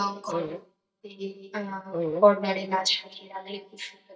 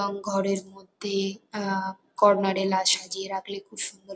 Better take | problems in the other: second | noise reduction (neural mask model DeepFilterNet 3)

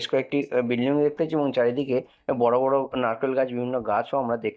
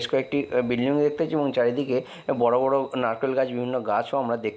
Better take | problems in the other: second | noise reduction (neural mask model DeepFilterNet 3)

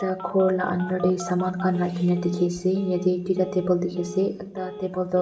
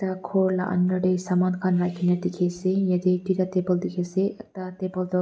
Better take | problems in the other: second | background sound (Telephone); 15 dB below the speech // room echo; dies away in 2.2 s

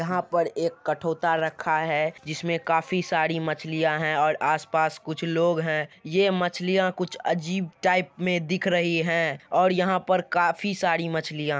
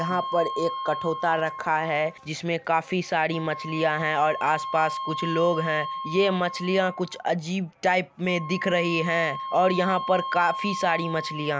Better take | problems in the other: first | background sound (Wind instrument, woodwind instrument); 9 dB below the speech

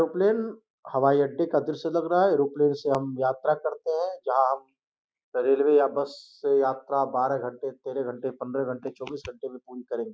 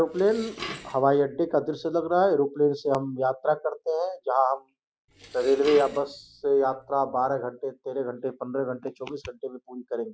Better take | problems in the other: first | background sound (Dishes, pots, and pans); 17 dB below the speech

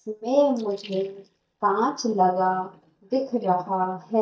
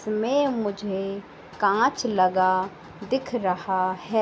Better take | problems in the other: second | noise reduction (neural mask model DeepFilterNet 3)

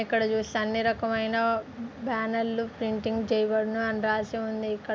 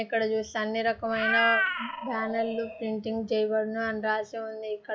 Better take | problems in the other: first | noise reduction (classical method log-MMSE)

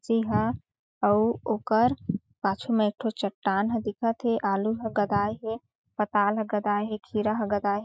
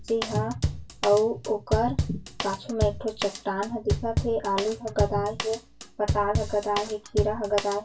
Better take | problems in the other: first | background sound (Drum kit); 4 dB below the speech // room echo; dies away in 0.2 s

